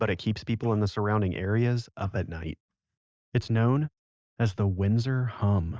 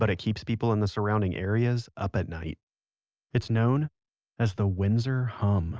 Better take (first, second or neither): second